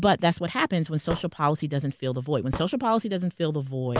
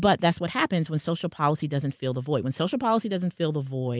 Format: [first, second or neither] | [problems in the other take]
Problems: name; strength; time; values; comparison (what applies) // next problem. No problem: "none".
second | background sound (Hammer / Wood); 14 dB below the speech